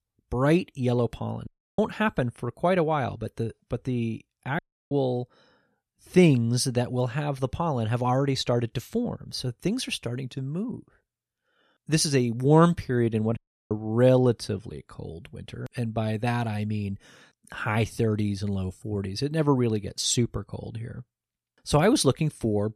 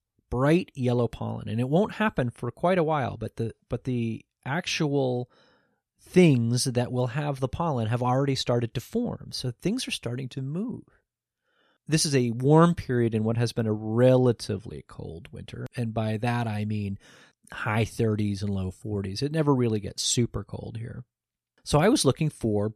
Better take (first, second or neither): second